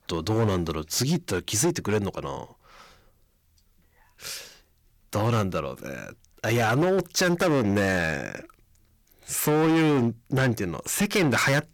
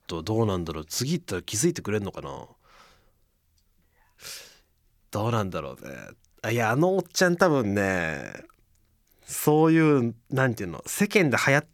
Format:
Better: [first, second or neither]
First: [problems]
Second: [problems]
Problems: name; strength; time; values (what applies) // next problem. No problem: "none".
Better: second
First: distortion; heavy; 10% of the sound clipped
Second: none